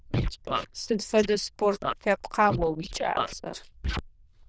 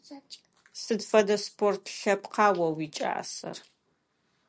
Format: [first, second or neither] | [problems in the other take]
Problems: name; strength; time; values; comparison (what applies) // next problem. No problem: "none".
second | noise reduction (neural diffusion model UNIVERSE++)